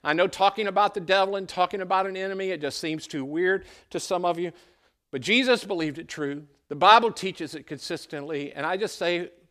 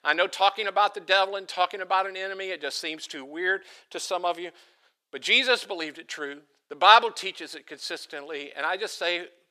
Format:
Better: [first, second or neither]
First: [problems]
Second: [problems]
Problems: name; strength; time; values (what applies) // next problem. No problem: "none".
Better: first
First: none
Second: thin; somewhat; fading below 500 Hz